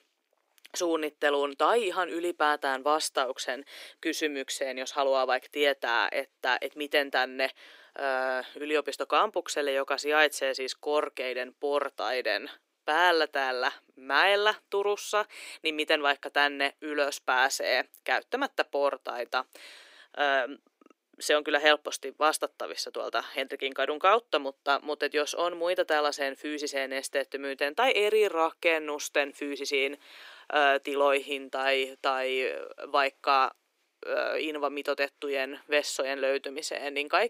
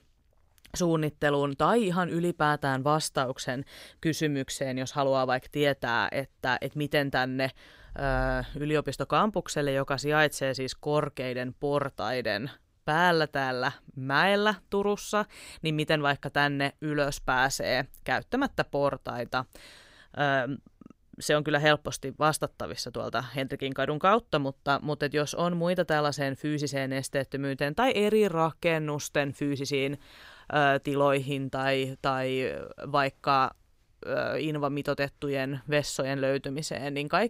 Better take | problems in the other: second | thin; somewhat; fading below 300 Hz

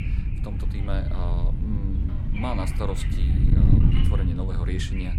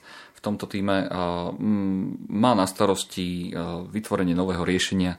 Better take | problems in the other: second | wind noise on the microphone; heavy; as loud as the speech

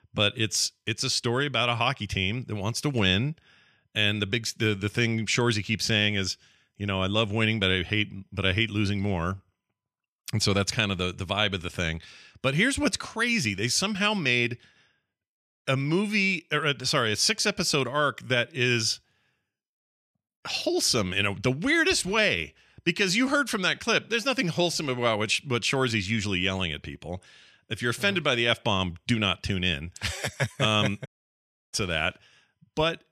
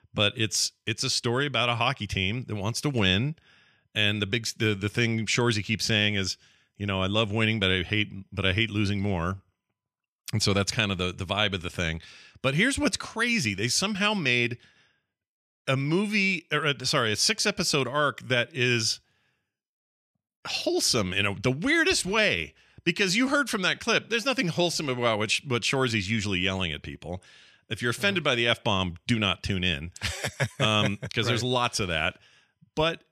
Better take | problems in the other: second | audio cutting out; at 31 s for 0.5 s

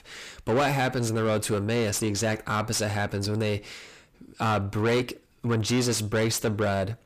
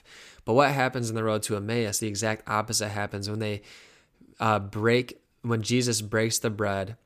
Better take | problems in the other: second | distortion; heavy; 7 dB below the speech

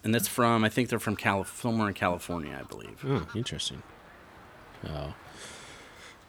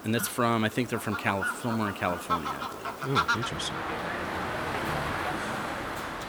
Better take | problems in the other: first | animal sounds; loud; throughout; 1 dB below the speech; faint in the first

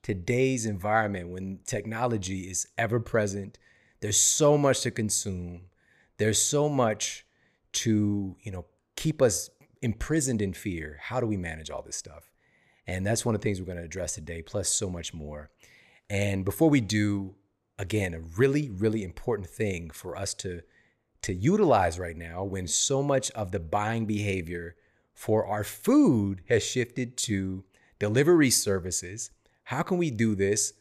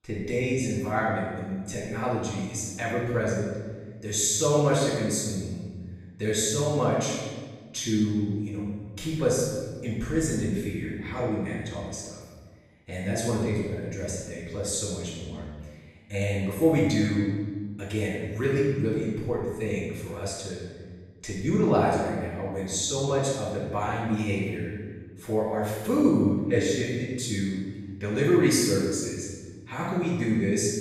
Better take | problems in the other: first | off-mic speech; far // room echo; strong; dies away in 1.4 s

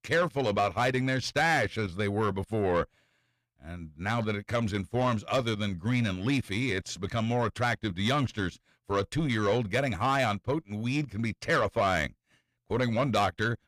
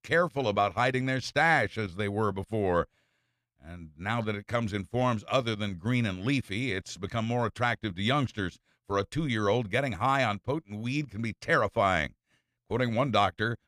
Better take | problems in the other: second | distortion; slight; 10 dB below the speech

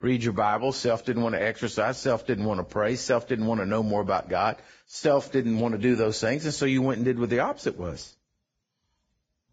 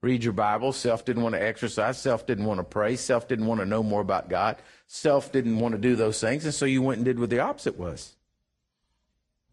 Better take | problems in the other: second | garbled, watery; badly; nothing above 7.5 kHz; slightly in the second

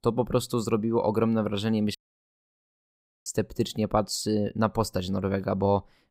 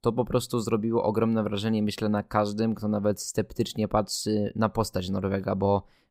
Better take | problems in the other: second | audio cutting out; at 2 s for 1.5 s

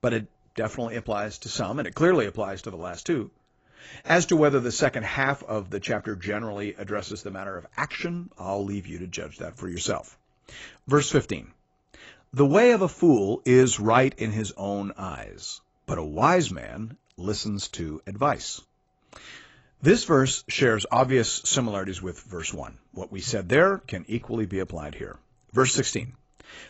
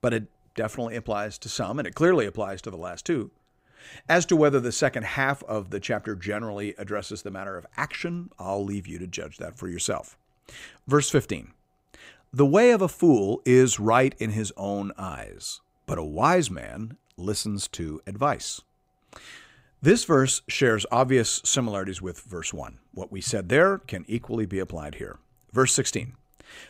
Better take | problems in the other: second | garbled, watery; badly; nothing above 7.5 kHz

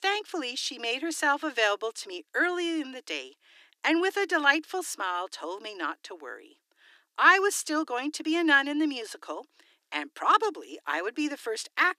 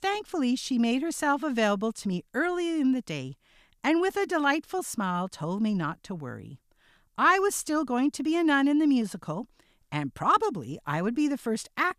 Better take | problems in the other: second | thin; somewhat; fading below 300 Hz

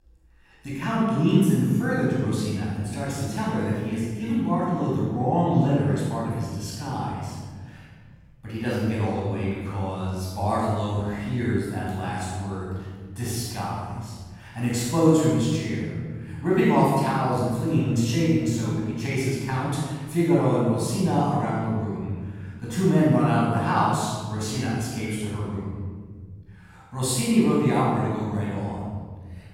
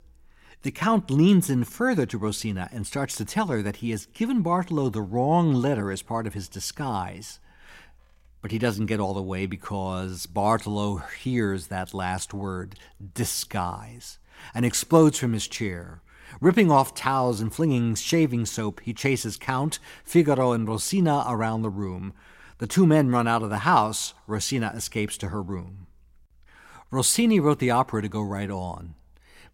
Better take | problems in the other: second | room echo; strong; dies away in 2 s // off-mic speech; far

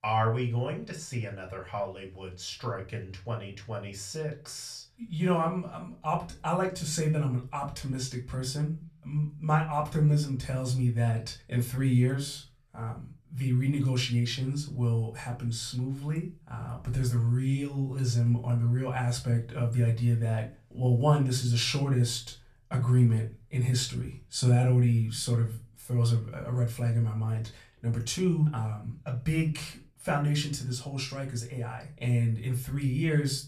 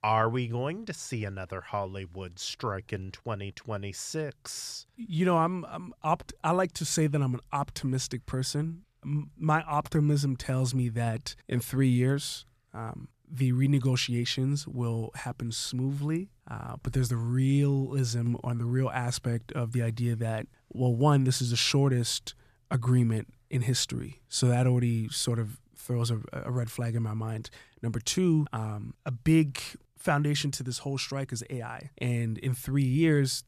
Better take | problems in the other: second | off-mic speech; far // room echo; very slight; dies away in 0.3 s

